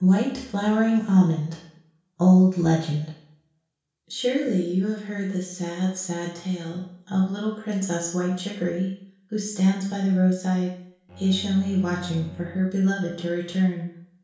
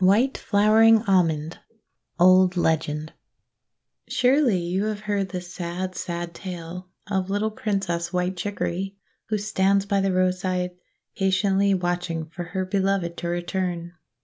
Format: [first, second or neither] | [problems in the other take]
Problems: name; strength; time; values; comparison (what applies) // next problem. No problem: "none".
second | background sound (Bowed string instrument); 18 dB below the speech // room echo; dies away in 0.6 s